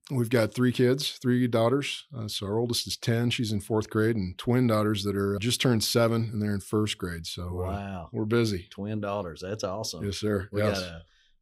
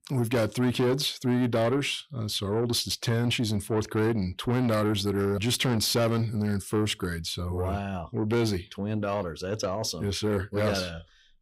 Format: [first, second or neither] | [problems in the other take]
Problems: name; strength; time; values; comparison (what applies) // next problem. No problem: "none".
first | distortion; slight; 10 dB below the speech